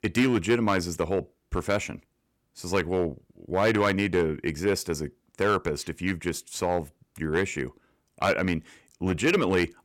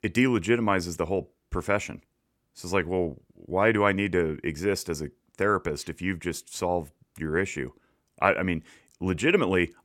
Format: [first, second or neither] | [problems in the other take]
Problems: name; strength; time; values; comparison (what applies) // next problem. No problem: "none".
second | distortion; slight; 3% of the sound clipped